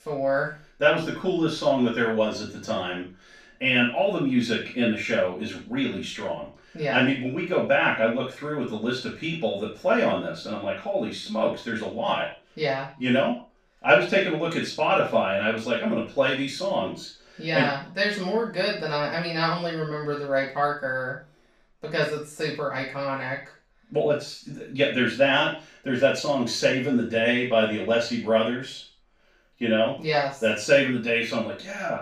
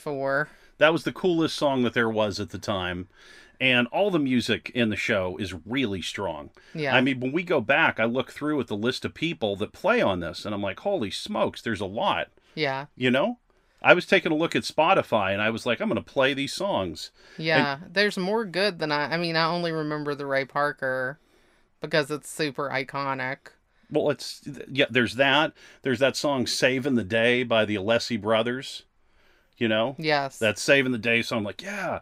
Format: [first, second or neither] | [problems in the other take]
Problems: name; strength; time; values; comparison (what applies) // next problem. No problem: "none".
second | room echo; noticeable; dies away in 0.3 s // off-mic speech; far